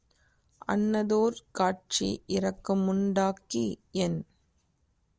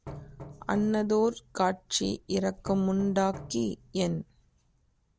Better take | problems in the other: first | background sound (Knock); 17 dB below the speech

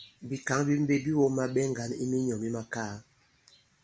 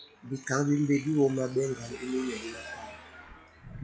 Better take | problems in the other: first | noise reduction (classical method log-MMSE)

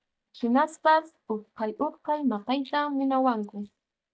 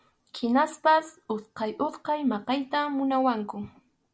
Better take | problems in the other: second | noise reduction (neural mask model DeepFilterNet 3)

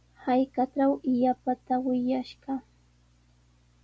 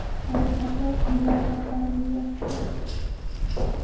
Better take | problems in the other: first | background sound (Keys jangling); 4 dB above the speech // room echo; dies away in 0.9 s

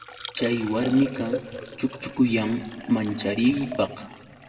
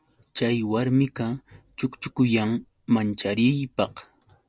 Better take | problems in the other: second | background sound (Liquid); 12 dB below the speech // room echo; dies away in 1.9 s

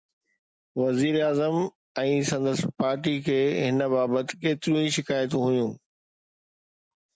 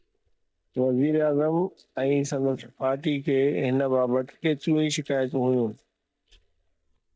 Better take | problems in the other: first | noise reduction (neural mask model DeepFilterNet 3)

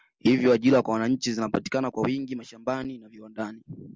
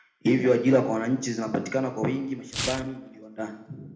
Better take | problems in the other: first | background sound (Tearing); 15 dB below the speech // room echo; dies away in 0.8 s

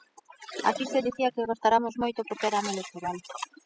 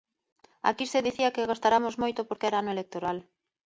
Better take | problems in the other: second | noise reduction (classical method spectral subtraction)

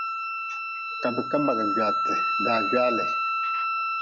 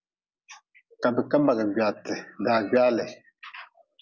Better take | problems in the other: second | background sound (Wind instrument, woodwind instrument); 3 dB above the speech

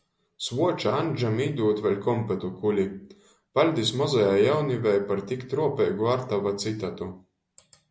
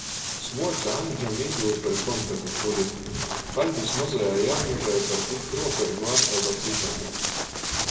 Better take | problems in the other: first | background sound (Walk, footsteps); 1 dB below the speech // room echo; dies away in 1.8 s

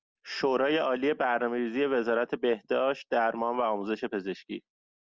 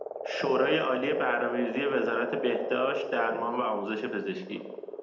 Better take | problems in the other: first | background sound (Frog); 5 dB below the speech // room echo; dies away in 0.8 s

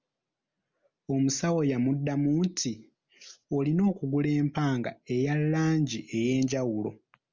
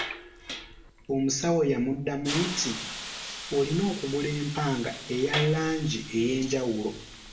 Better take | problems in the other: first | background sound (Hiss); 10 dB below the speech // room echo; dies away in 0.5 s

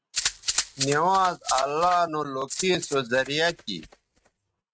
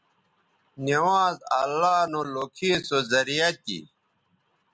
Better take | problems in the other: second | noise reduction (neural mask model RNNoise)

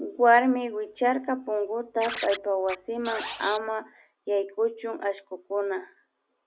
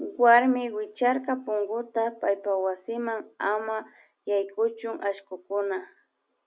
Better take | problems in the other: second | background sound (Scratching (performance technique)); 12 dB below the speech

